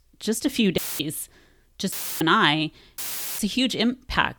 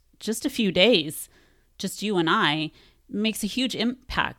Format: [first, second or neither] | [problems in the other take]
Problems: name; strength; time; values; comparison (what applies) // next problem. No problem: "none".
second | audio cutting out; filled with static; at 1 s, at 2 s and at 3 s